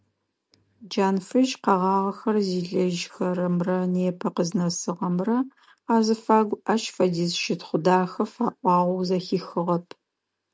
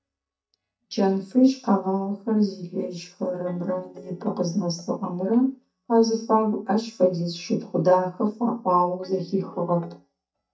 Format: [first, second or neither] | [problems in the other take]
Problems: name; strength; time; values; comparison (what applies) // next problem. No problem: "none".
first | noise reduction (neural mask model DeepFilterNet 3)